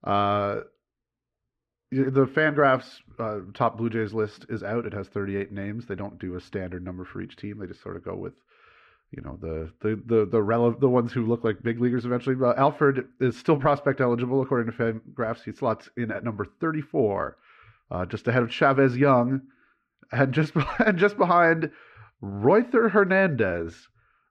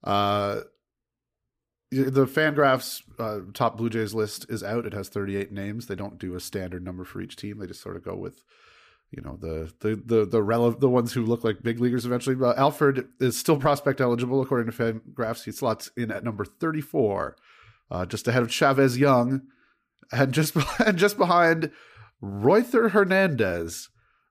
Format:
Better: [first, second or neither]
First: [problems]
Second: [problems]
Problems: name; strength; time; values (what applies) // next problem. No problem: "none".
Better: second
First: muffled; slightly; fading above 2 kHz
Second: none